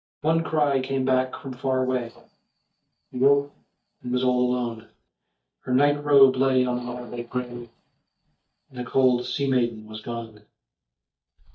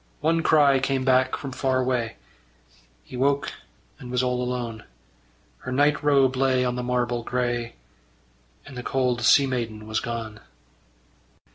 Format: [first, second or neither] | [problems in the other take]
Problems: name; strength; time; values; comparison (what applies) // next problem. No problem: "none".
second | noise reduction (neural mask model DeepFilterNet 3)